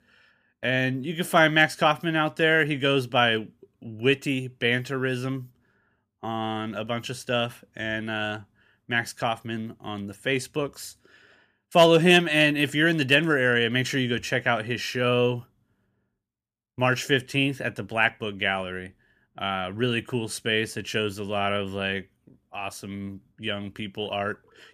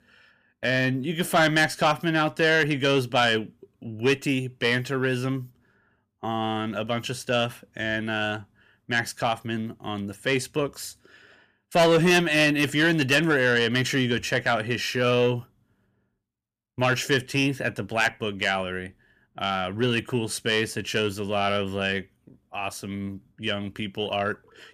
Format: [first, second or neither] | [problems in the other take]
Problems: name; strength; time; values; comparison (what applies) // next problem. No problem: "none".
first | distortion; slight; 10 dB below the speech